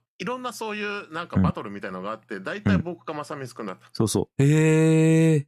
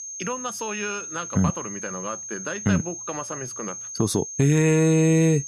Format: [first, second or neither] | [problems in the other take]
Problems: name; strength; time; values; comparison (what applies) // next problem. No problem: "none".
first | high-pitched whine; loud; throughout; 6.5 kHz, 9 dB below the speech